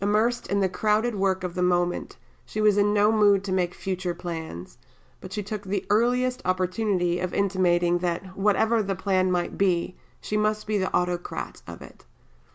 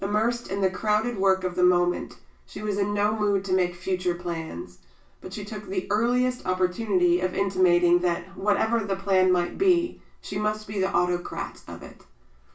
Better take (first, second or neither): first